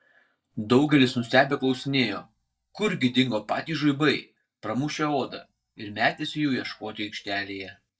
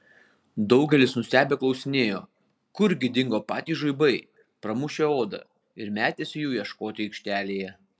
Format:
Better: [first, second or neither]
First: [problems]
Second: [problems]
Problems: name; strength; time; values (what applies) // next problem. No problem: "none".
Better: second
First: noise reduction (neural mask model DeepFilterNet 3)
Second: none